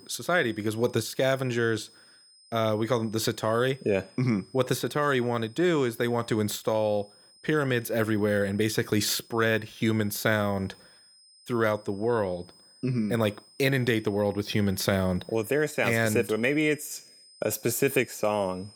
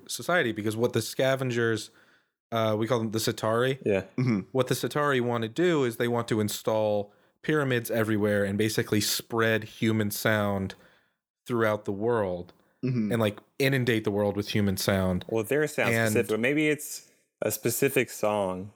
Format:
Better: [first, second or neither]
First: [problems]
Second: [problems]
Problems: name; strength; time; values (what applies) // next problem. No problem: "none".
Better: second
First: high-pitched whine; faint; throughout; 5 kHz, 25 dB below the speech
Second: none